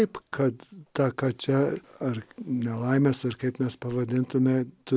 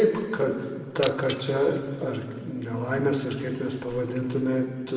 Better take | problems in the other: first | background sound (Shatter); 20 dB below the speech // room echo; dies away in 2 s

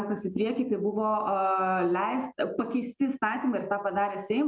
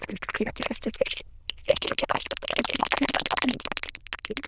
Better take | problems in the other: first | noise reduction (neural diffusion model UNIVERSE++)

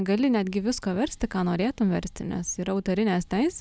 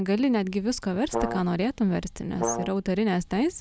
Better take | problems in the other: first | background sound (Brass instrument); 5 dB below the speech

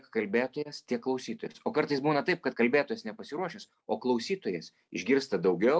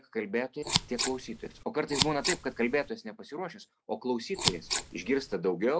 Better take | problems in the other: first | background sound (Scissors); 1 dB below the speech

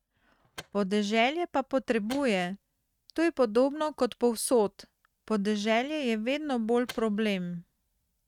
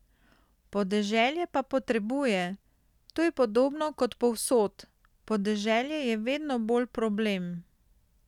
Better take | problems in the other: second | noise reduction (neural mask model RNNoise)

